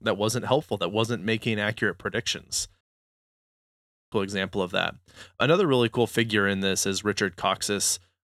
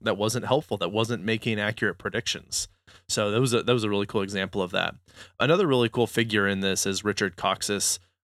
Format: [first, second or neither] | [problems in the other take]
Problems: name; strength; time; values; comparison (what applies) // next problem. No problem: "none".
second | audio cutting out; at 3 s for 1.5 s